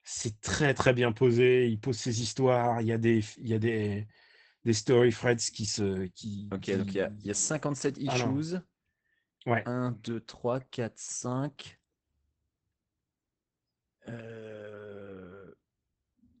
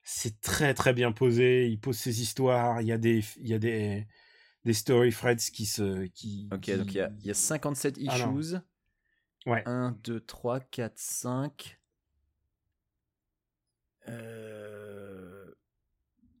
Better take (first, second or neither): second